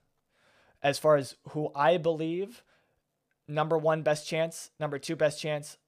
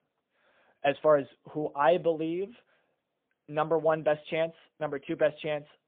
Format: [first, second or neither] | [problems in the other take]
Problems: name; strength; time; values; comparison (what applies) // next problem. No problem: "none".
first | phone-call audio; poor line; nothing above 3.5 kHz